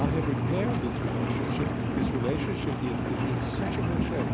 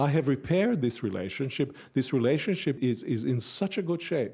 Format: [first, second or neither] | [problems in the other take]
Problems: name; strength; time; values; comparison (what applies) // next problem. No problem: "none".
second | background sound (Engine); 5 dB above the speech